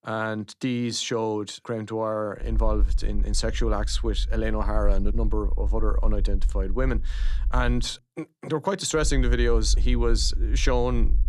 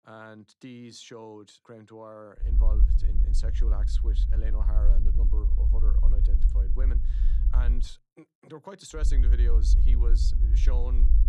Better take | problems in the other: first | low rumble; loud; from 2.5 to 8 s and from 9 s on; 4 dB below the speech; faint in the first

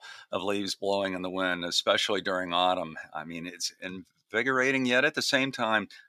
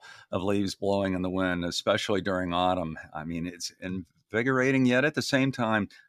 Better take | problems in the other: second | thin; very slightly; fading below 550 Hz

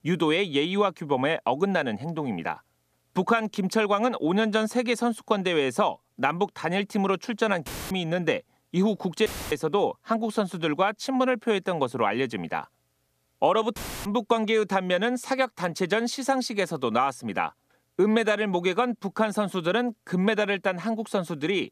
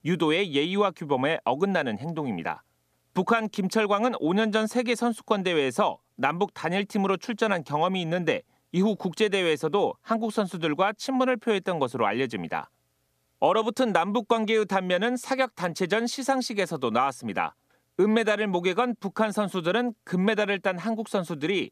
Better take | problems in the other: second | audio cutting out; filled with static; at 7.5 s, at 9.5 s and at 14 s

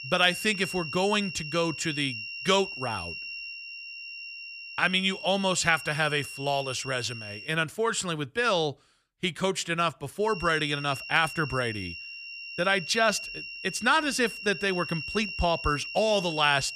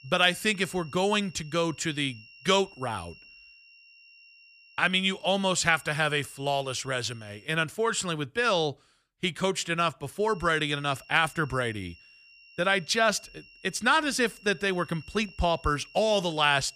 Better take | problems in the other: second | high-pitched whine; loud; until 7.5 s and from 10 s on; 3 kHz, 9 dB below the speech; faint in the second

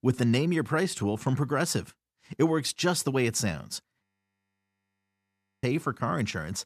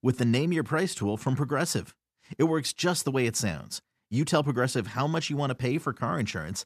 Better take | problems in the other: second | audio freezing; at 4 s for 1.5 s

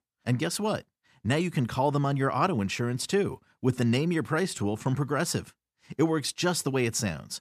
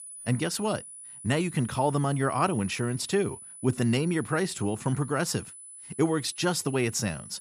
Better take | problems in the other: first | high-pitched whine; noticeable; throughout; 10 kHz, 15 dB below the speech

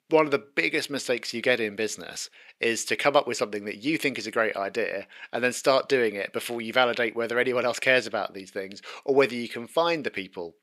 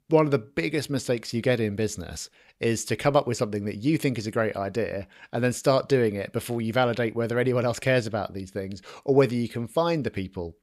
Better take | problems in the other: second | thin; somewhat; fading below 300 Hz

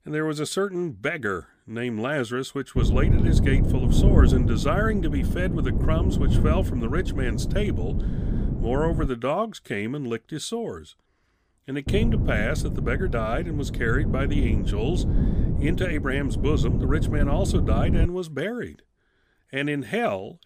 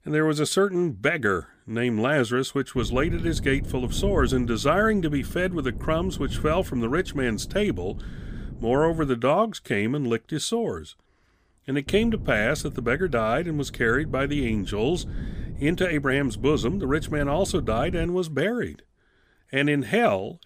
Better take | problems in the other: second | wind noise on the microphone; heavy; from 3 to 9 s and from 12 to 18 s; 6 dB below the speech; occasional gusts in the second

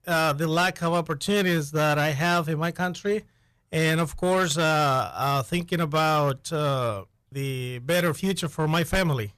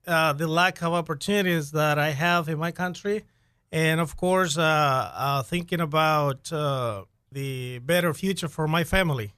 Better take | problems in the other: second | distortion; slight; 9% of the sound clipped

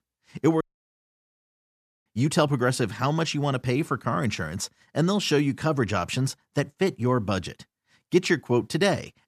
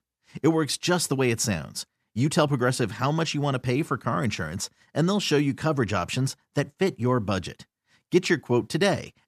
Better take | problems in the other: second | audio cutting out; at 0.5 s for 1.5 s

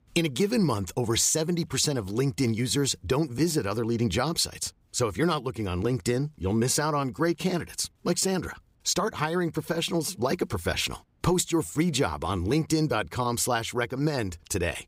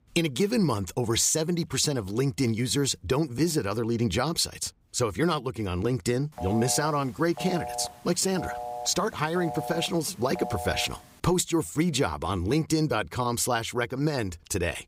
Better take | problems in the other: first | phone ringing; noticeable; from 6.5 to 11 s; peak 8 dB below the speech

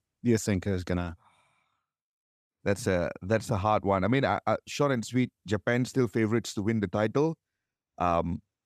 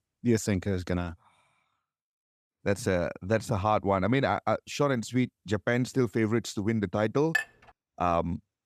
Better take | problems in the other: first | clattering dishes; noticeable; at 7.5 s; peak 2 dB below the speech

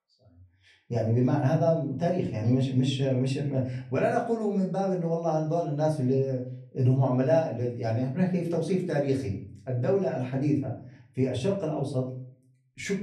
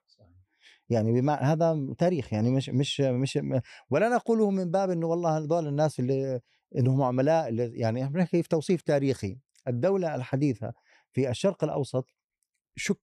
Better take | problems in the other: second | room echo; slight; dies away in 0.5 s // off-mic speech; far

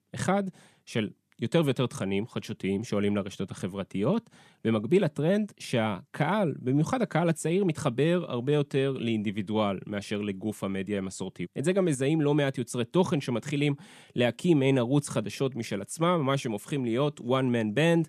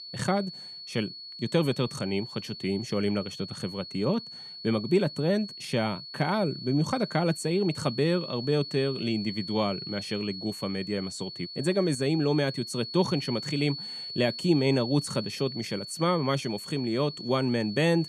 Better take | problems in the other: first | high-pitched whine; loud; throughout; 4.5 kHz, 9 dB below the speech

